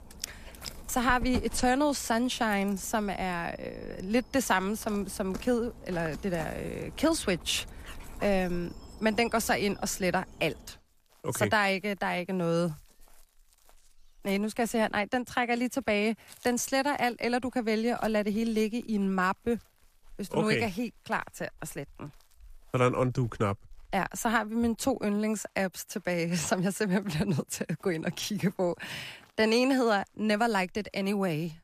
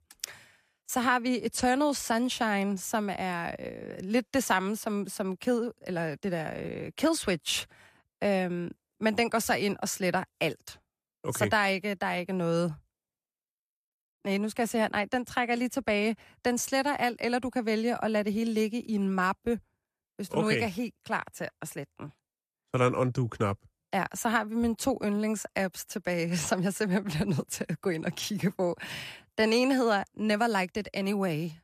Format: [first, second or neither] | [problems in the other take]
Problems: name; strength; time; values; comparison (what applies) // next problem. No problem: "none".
second | animal sounds; noticeable; throughout; 20 dB below the speech